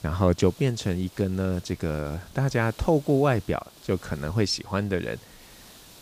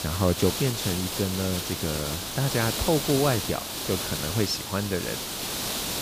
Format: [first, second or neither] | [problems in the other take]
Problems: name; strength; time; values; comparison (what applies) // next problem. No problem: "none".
first | hiss; loud; throughout; 2 dB below the speech; faint in the first